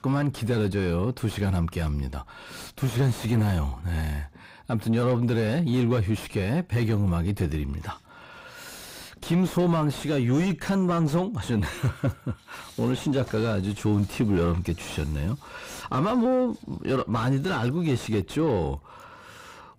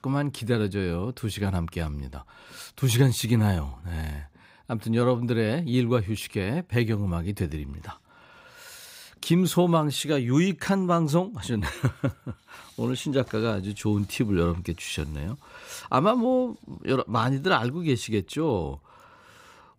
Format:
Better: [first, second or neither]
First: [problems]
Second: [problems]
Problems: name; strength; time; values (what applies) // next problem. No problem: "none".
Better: second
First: distortion; heavy; 7 dB below the speech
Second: none